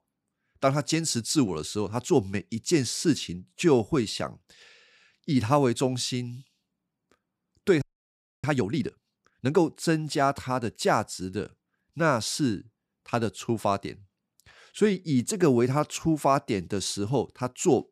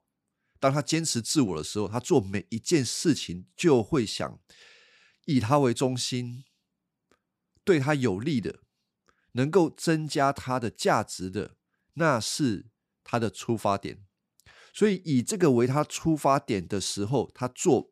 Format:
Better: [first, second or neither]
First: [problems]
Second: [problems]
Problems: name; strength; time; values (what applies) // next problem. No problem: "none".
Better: second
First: audio freezing; at 8 s for 0.5 s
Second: none